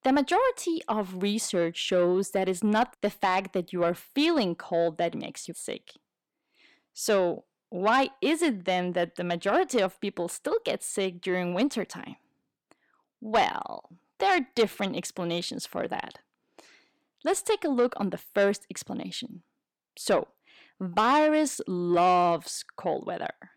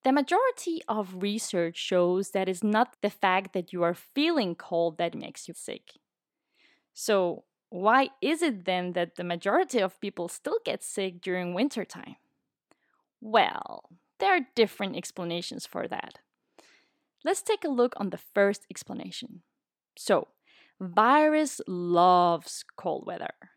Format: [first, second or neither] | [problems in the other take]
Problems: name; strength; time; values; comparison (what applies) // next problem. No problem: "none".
second | distortion; slight; 10 dB below the speech